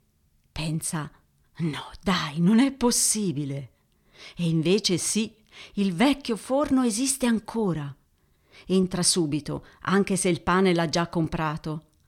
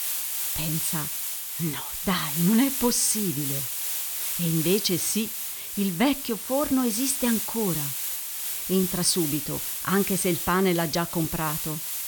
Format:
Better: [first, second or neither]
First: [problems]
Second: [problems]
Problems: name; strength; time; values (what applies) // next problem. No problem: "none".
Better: first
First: none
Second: hiss; loud; throughout; 2 dB below the speech